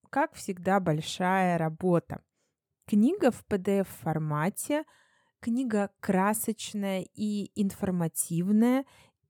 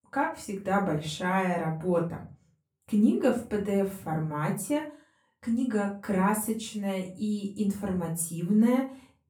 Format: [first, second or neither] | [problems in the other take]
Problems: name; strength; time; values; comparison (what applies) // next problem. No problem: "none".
first | off-mic speech; far // room echo; slight; dies away in 0.3 s